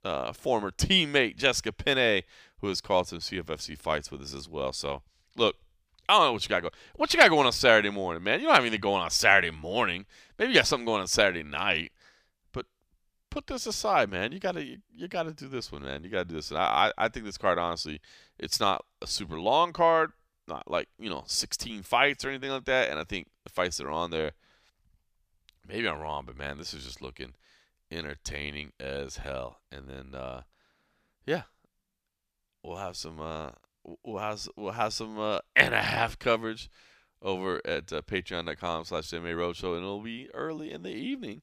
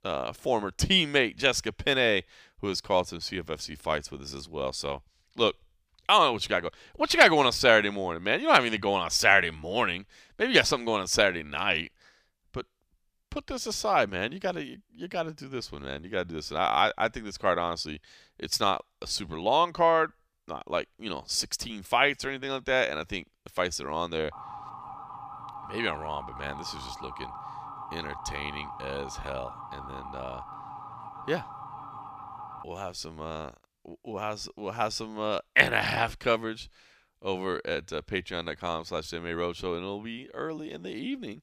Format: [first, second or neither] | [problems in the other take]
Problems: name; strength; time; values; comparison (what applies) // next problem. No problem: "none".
first | siren; faint; from 24 to 33 s; peak 15 dB below the speech